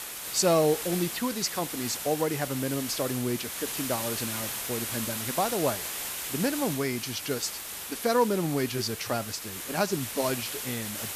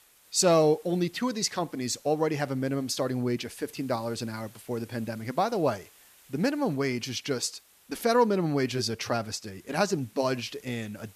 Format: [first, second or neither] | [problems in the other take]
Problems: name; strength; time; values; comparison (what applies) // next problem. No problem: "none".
second | hiss; loud; throughout; 4 dB below the speech; faint in the second